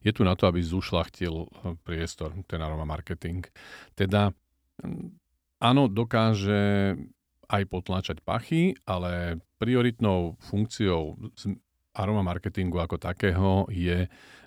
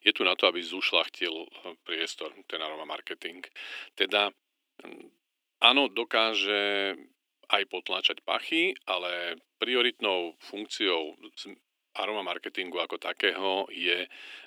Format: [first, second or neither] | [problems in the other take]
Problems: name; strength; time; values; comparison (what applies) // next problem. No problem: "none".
first | thin; very; fading below 300 Hz